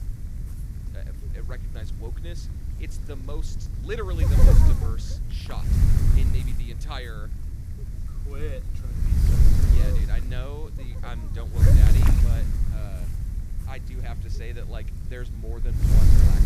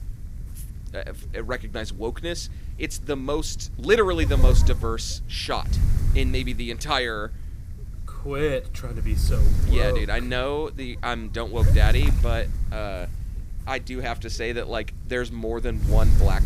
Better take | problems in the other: second | wind noise on the microphone; heavy; 3 dB above the speech; occasional gusts in the second

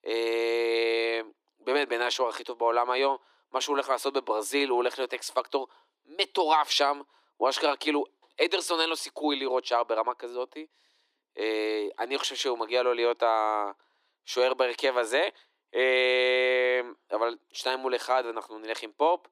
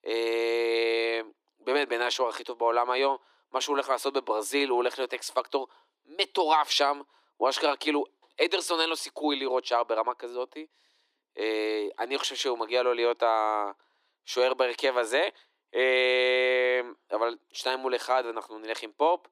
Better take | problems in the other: neither | thin; very slightly; fading below 300 Hz; the same in both

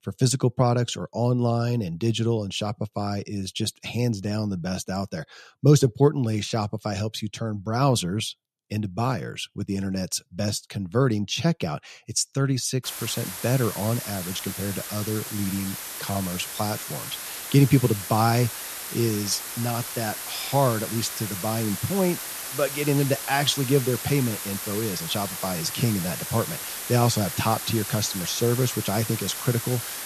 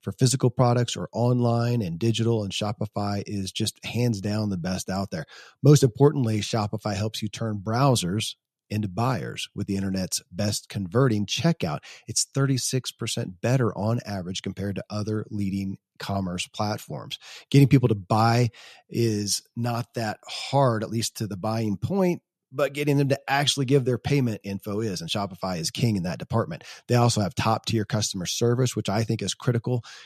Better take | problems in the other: second | hiss; loud; from 13 s on; 6 dB below the speech

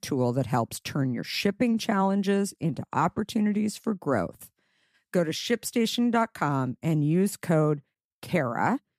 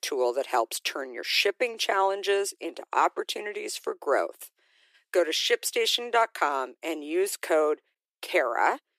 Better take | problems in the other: first | thin; very; fading below 350 Hz

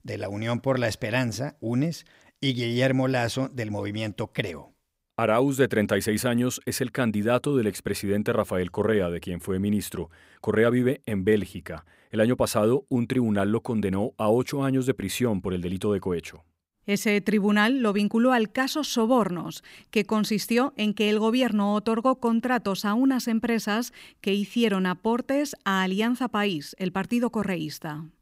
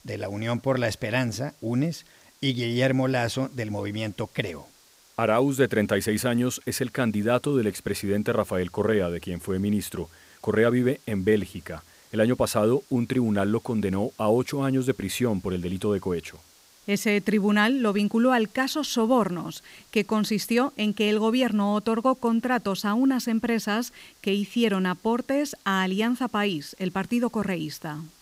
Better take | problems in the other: first | hiss; faint; throughout; 30 dB below the speech

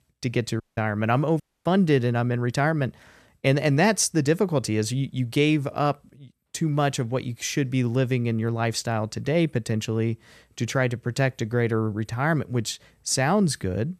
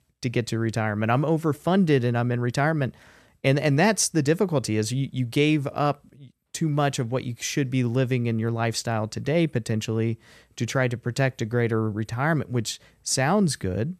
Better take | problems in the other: second | audio cutting out; at 0.5 s and at 1.5 s

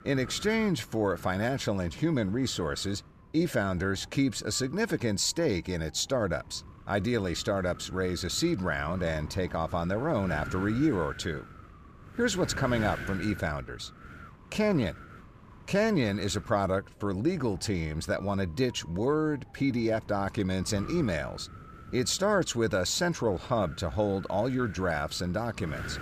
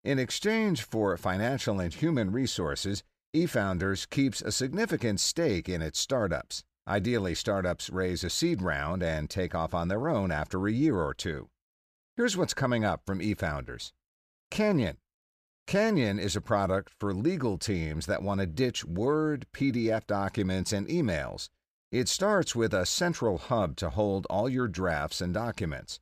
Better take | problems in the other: second | wind noise on the microphone; occasional gusts; 15 dB below the speech

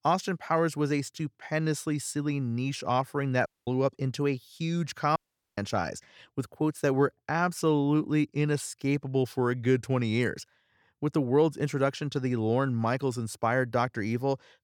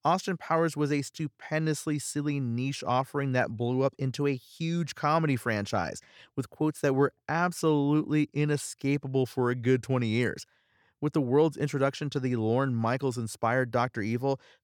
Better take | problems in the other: second | audio cutting out; at 3.5 s and at 5 s

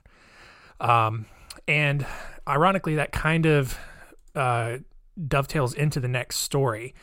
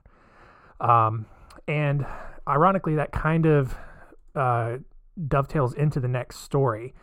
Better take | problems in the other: first | muffled; very; fading above 2 kHz

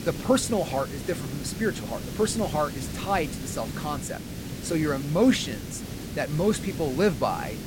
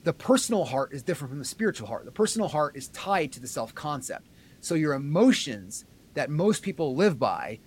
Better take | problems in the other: second | hiss; loud; throughout; 8 dB below the speech; faint in the second

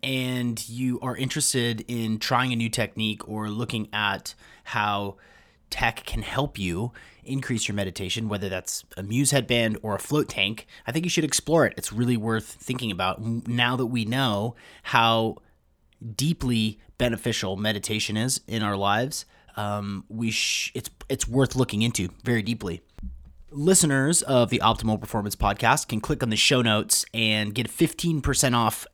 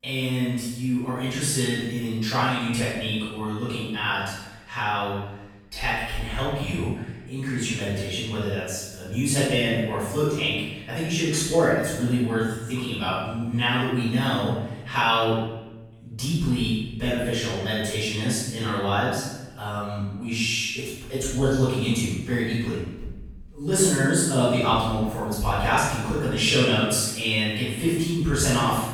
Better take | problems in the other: first | off-mic speech; far // room echo; strong; dies away in 0.9 s

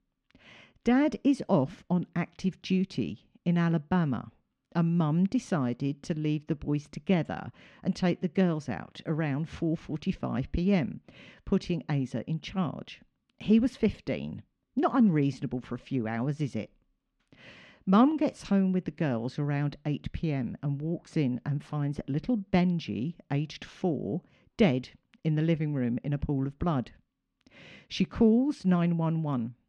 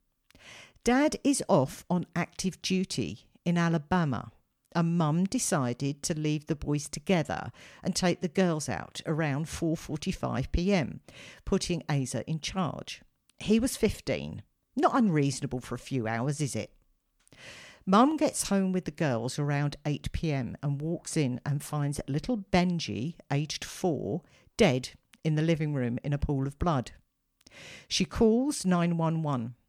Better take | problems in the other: second | muffled; slightly; fading above 3 kHz

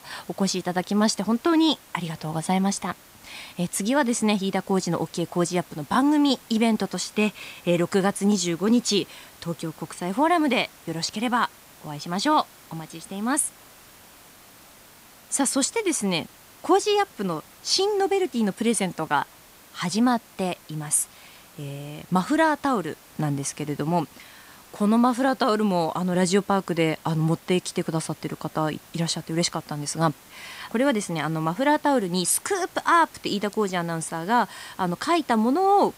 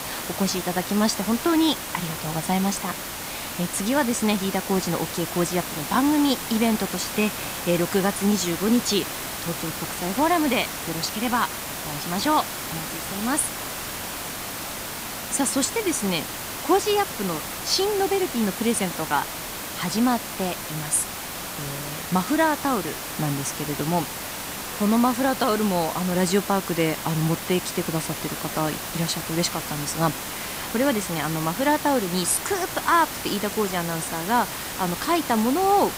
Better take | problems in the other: first | hiss; loud; throughout; 6 dB below the speech; faint in the first

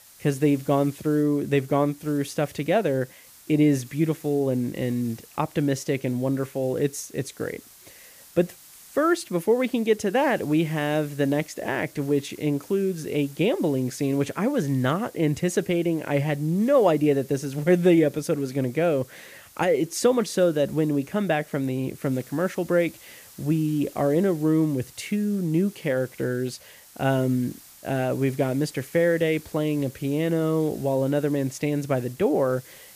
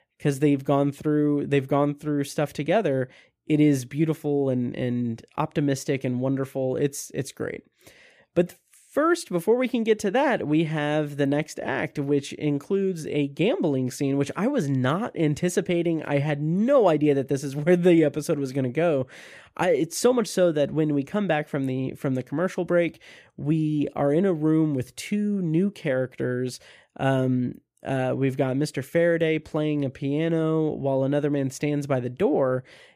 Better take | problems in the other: second | hiss; faint; throughout; 20 dB below the speech

